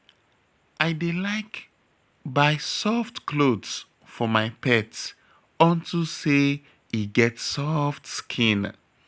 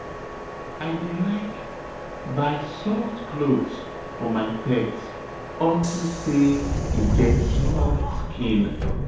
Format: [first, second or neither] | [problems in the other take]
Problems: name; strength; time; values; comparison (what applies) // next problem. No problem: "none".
first | background sound (Subway, metro, underground); 1 dB below the speech // room echo; dies away in 1.9 s